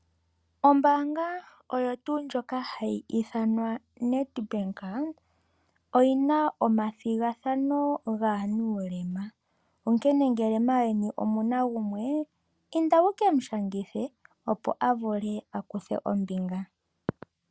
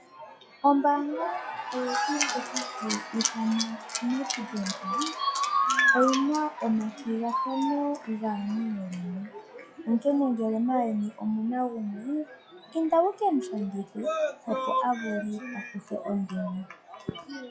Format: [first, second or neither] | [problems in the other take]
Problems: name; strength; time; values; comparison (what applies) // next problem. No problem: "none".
first | noise reduction (classical method log-MMSE)